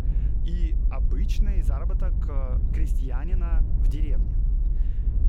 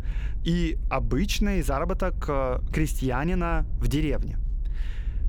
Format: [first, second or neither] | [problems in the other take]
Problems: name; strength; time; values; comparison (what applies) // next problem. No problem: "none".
second | low rumble; loud; throughout; 3 dB below the speech; faint in the second